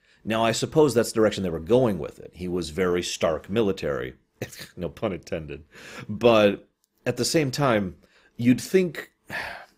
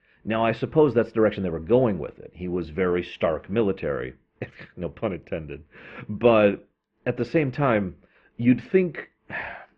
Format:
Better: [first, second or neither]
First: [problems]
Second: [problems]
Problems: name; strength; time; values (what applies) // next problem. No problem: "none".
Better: first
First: none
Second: muffled; very; fading above 2.5 kHz